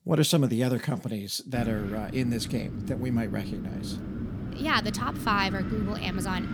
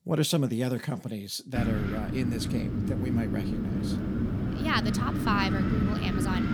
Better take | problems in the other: first | wind noise on the microphone; heavy; from 1.5 s on; 3 dB below the speech; occasional gusts in the first

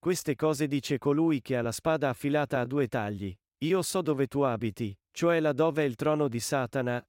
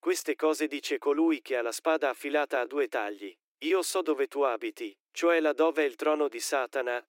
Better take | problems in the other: first | thin; somewhat; fading below 300 Hz

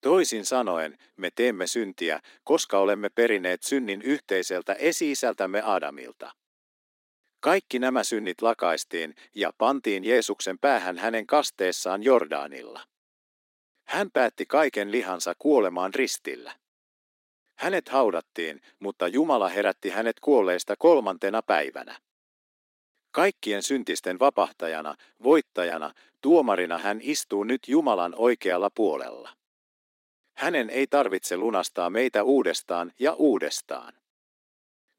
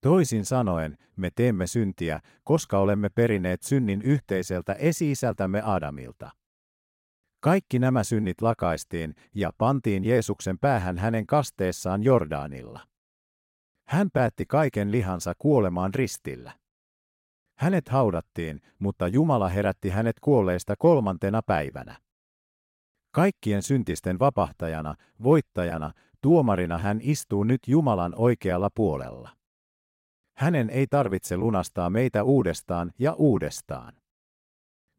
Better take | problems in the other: second | thin; somewhat; fading below 250 Hz

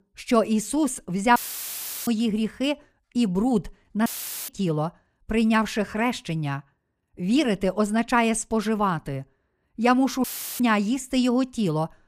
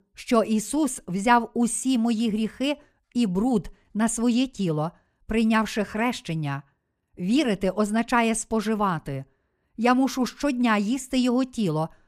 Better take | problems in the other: second | audio cutting out; filled with static; at 1.5 s for 0.5 s, at 4 s and at 10 s

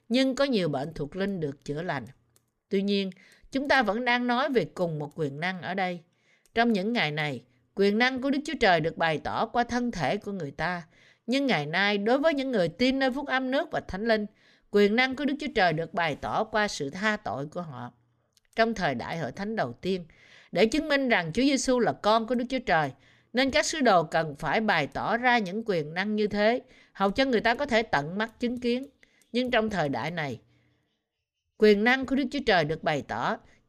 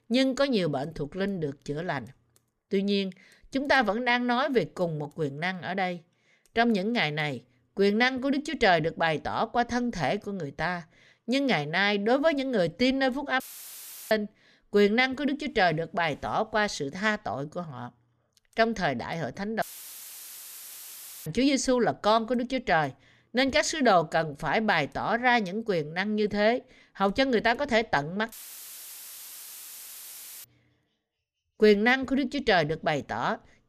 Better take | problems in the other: first | audio cutting out; filled with static; at 13 s for 0.5 s, at 20 s for 1.5 s and at 28 s for 2 s

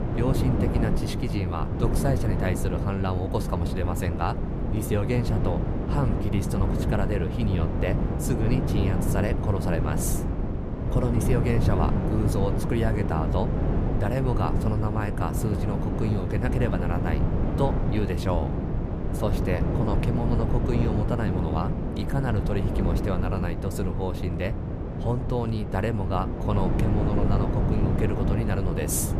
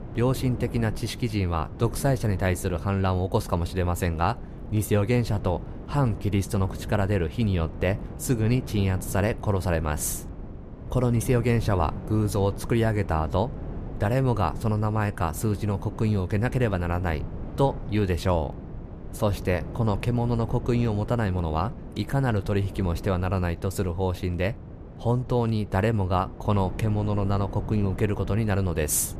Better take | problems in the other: second | wind noise on the microphone; heavy; 2 dB below the speech; occasional gusts in the second

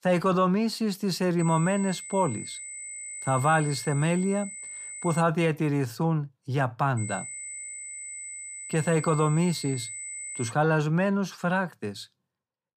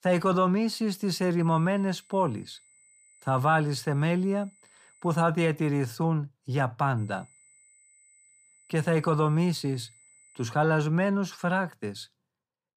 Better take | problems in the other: second | high-pitched whine; loud; from 1.5 to 5 s and from 7 to 11 s; 8 kHz, 10 dB below the speech; faint in the second

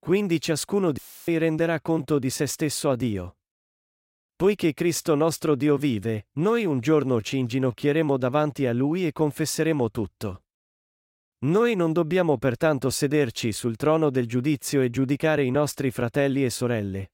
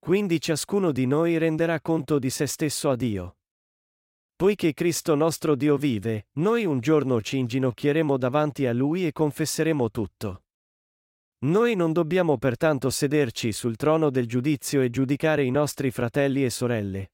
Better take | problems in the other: second | audio cutting out; filled with static; at 1 s

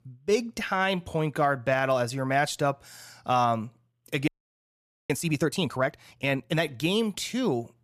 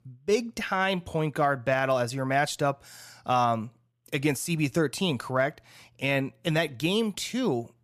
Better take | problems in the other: second | audio freezing; at 4.5 s for 1 s

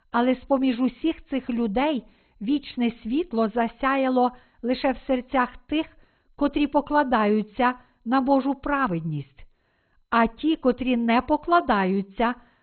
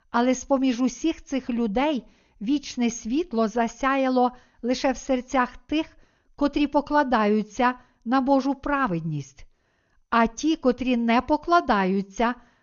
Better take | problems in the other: second | garbled, watery; badly; nothing above 4 kHz; slightly in the second

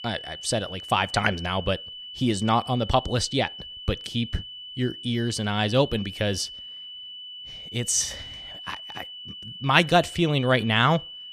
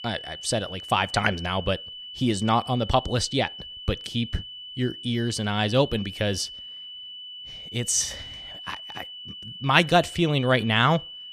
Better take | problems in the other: neither | high-pitched whine; noticeable; throughout; 3 kHz, 10 dB below the speech; the same in both

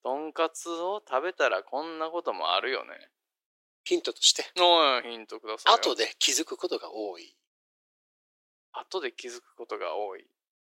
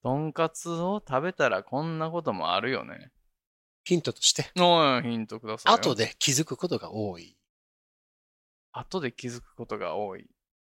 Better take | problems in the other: second | thin; very; fading below 350 Hz

